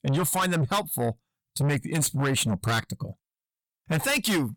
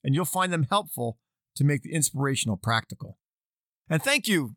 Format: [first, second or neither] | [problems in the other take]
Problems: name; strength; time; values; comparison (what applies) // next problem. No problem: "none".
second | distortion; heavy; 6 dB below the speech